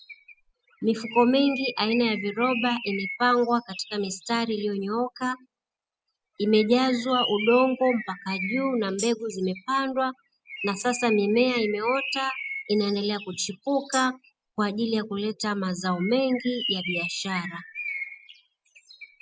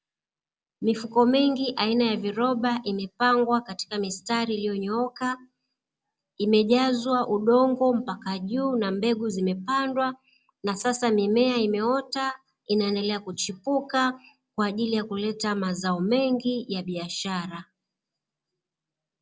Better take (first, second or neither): second